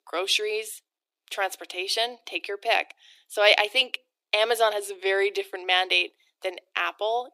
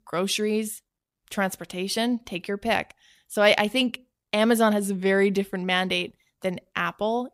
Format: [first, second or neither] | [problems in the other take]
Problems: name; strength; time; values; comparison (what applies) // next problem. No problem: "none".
second | thin; very; fading below 300 Hz